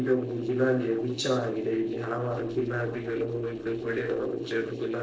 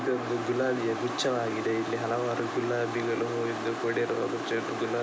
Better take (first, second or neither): second